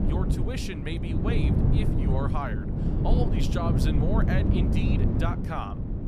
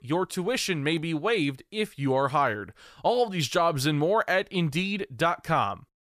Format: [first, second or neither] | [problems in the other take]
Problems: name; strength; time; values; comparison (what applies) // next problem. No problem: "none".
second | wind noise on the microphone; heavy; as loud as the speech